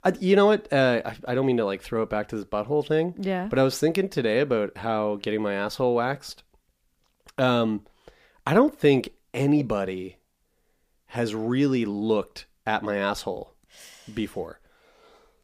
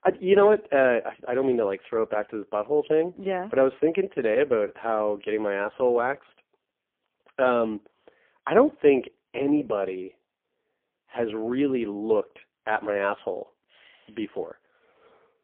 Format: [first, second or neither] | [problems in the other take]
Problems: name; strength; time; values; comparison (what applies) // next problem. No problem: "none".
first | phone-call audio; poor line